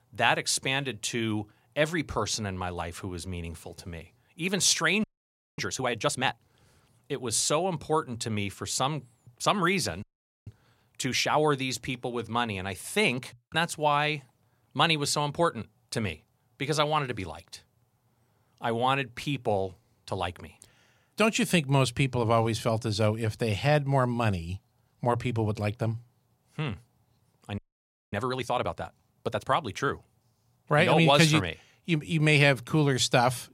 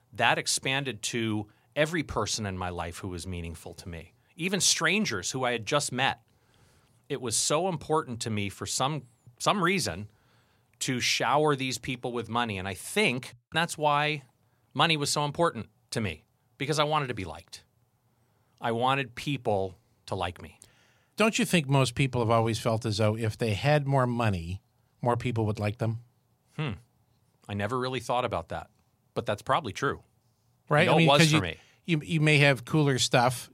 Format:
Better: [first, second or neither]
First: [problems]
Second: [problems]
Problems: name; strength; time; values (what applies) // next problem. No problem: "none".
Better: second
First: audio freezing; at 5 s for 0.5 s, at 10 s and at 28 s for 0.5 s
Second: none